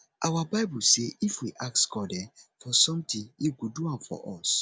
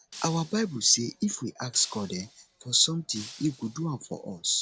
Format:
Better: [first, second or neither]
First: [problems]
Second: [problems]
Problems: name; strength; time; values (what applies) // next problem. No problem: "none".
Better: first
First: none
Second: background sound (Shatter); 20 dB below the speech